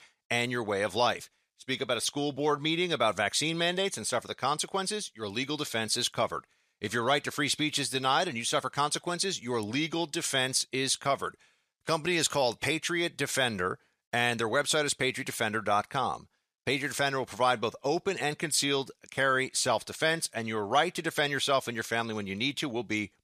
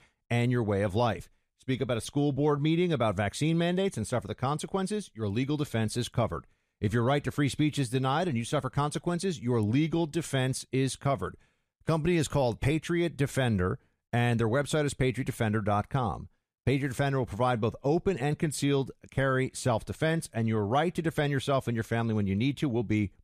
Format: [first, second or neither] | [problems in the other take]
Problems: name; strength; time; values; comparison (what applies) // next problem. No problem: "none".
second | thin; somewhat; fading below 950 Hz